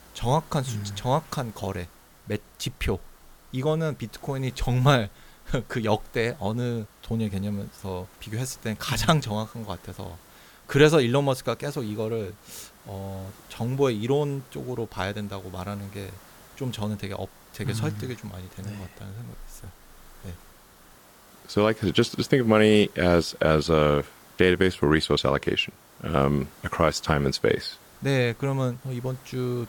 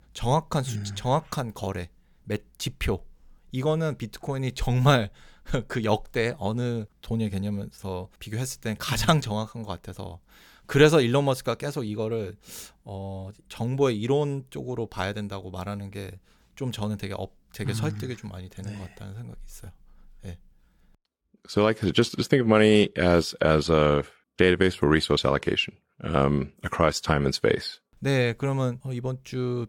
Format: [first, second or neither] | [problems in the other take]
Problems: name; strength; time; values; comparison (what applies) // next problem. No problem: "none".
second | hiss; faint; throughout; 25 dB below the speech